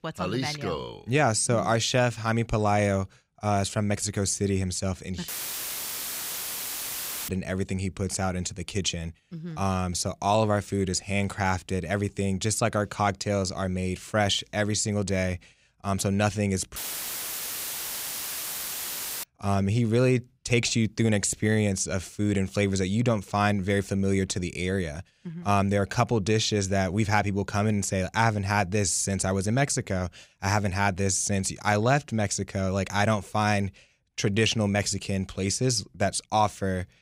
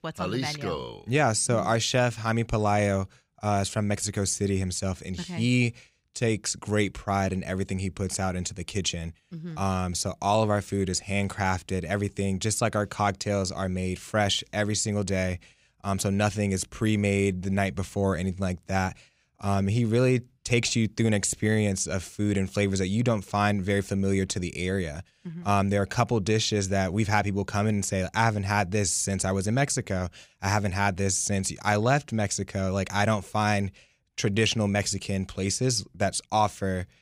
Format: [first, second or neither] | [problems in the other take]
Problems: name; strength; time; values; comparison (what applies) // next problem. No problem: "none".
second | audio cutting out; filled with static; at 5.5 s for 2 s and at 17 s for 2.5 s